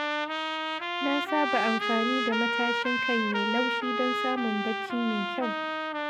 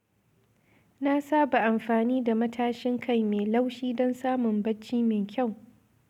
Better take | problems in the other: second | background sound (Trumpet); 1 dB above the speech

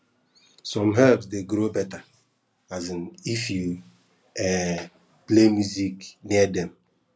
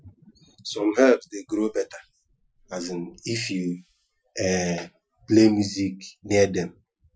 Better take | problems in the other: first | noise reduction (classical method Wiener filter)

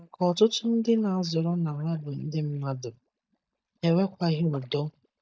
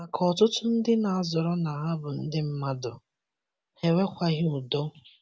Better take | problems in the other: second | noise reduction (neural mask model DeepFilterNet 3)

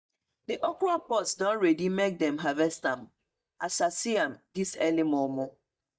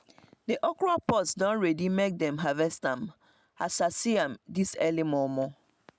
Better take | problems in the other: second | noise reduction (neural mask model DeepFilterNet 3)

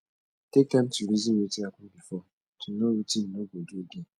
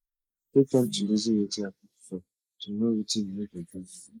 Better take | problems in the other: first | noise reduction (neural mask model Resemble Enhance denoiser)

